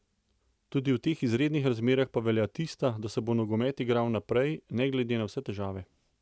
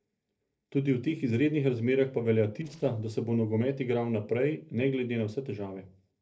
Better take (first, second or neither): first